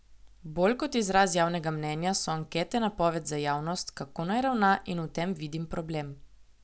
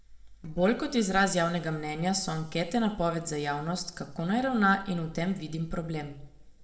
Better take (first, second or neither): first